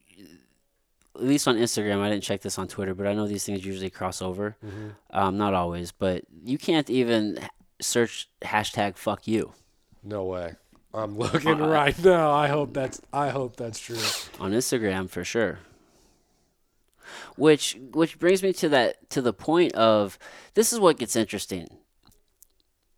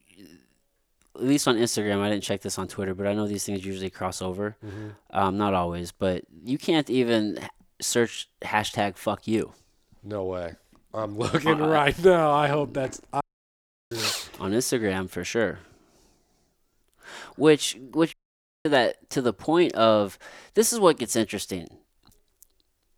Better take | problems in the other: first | audio cutting out; at 13 s for 0.5 s and at 18 s for 0.5 s

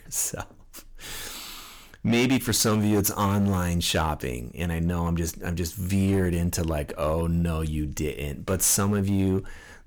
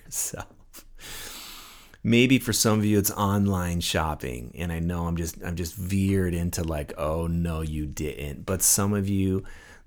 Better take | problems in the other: second | distortion; slight; 6% of the sound clipped

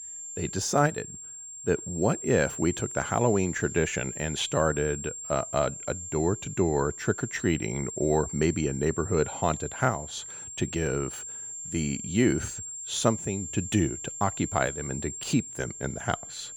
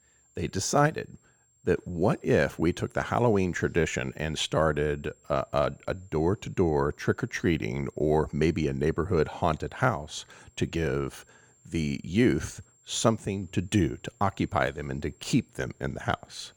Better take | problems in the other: second | high-pitched whine; loud; throughout; 7.5 kHz, 8 dB below the speech; faint in the second

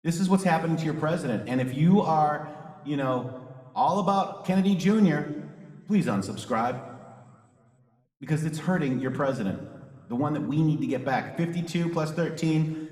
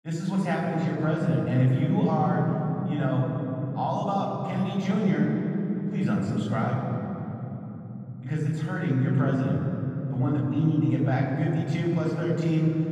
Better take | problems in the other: first | room echo; strong; dies away in 3 s; slight in the first // off-mic speech; far

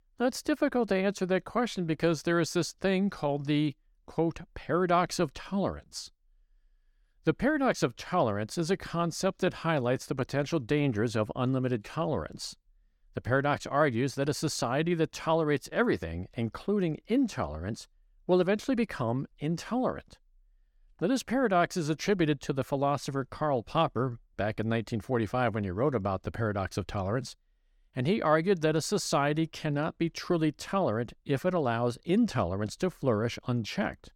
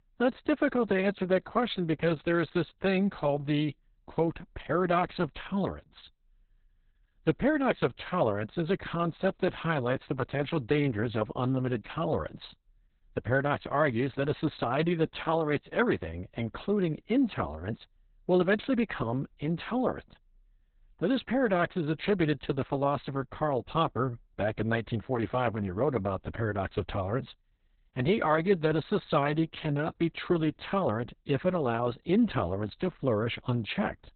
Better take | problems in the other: first | garbled, watery; badly; nothing above 4 kHz

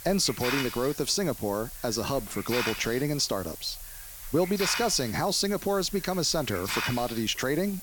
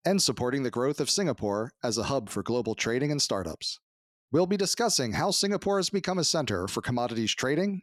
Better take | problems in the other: second | hiss; loud; throughout; 7 dB below the speech

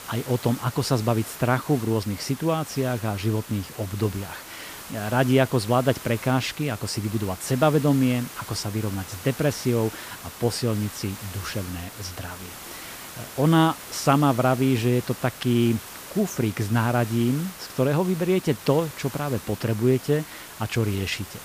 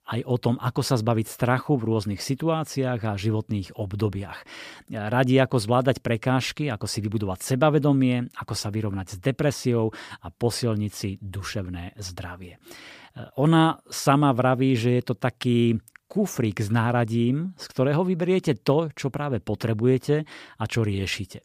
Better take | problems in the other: second | hiss; noticeable; throughout; 15 dB below the speech

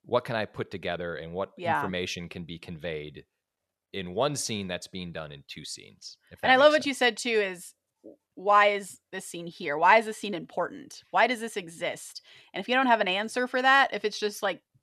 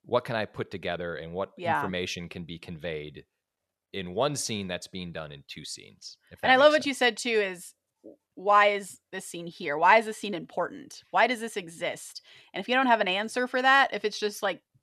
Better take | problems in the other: neither | none

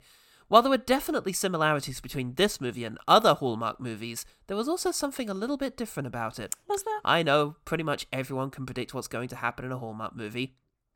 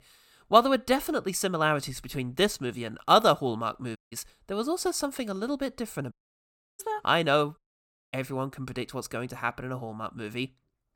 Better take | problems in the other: first | audio cutting out; at 4 s, at 6 s for 0.5 s and at 7.5 s for 0.5 s

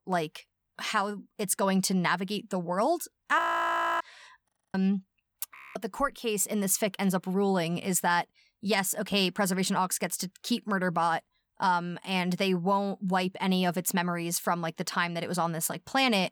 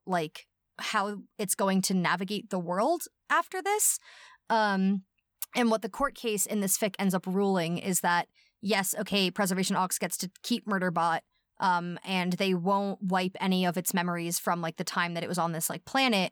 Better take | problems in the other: second | audio freezing; at 3.5 s for 0.5 s, at 4.5 s and at 5.5 s

